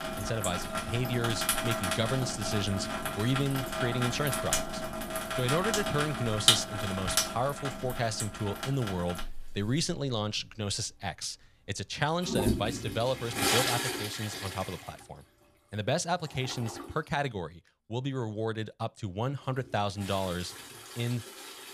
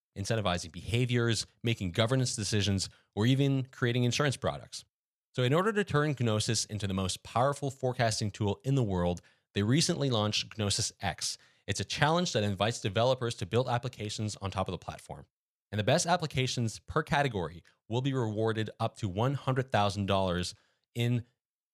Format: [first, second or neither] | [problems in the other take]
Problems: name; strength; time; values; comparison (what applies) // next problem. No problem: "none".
second | household noises; very loud; throughout; 1 dB above the speech